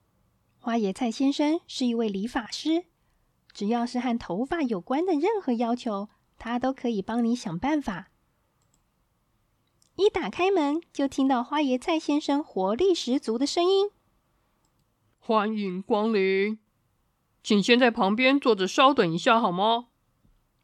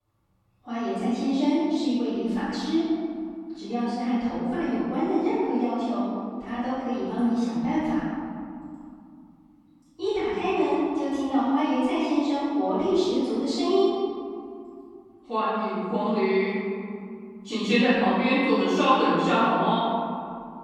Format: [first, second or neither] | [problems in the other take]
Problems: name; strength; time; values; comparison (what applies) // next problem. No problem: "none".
first | off-mic speech; far // room echo; strong; dies away in 2.4 s